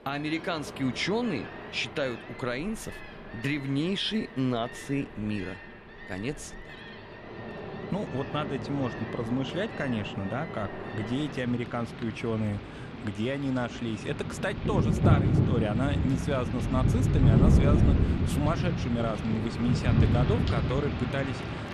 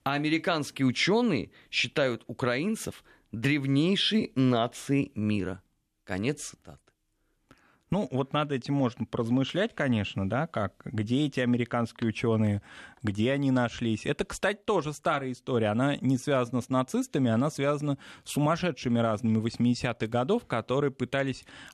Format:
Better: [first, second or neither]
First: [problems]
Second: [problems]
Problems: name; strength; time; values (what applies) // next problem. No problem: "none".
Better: second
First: rain or running water; very loud; throughout; 3 dB above the speech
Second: none